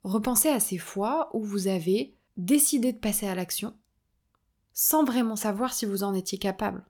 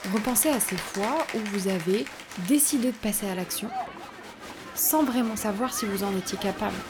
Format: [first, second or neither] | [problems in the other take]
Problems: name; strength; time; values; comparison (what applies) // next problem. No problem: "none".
first | crowd noise; noticeable; throughout; 10 dB below the speech